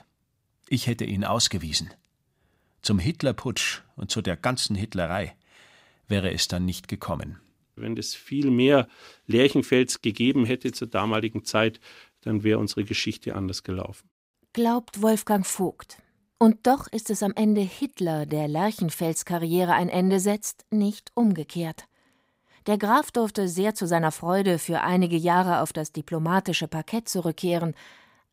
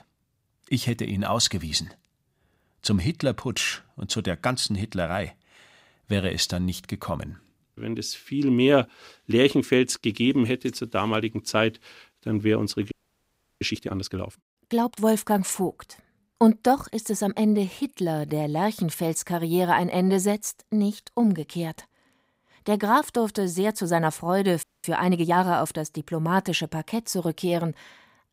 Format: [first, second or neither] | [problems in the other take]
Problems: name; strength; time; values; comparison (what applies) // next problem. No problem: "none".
first | audio freezing; at 13 s for 0.5 s and at 25 s